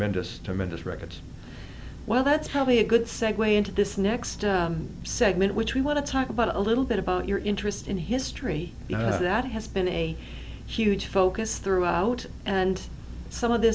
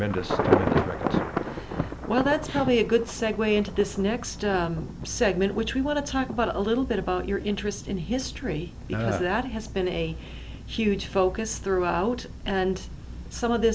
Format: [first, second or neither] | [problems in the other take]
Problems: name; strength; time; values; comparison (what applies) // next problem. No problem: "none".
first | background sound (Thunder / Traffic noise, roadway noise / Rain / Insect); 7 dB below the speech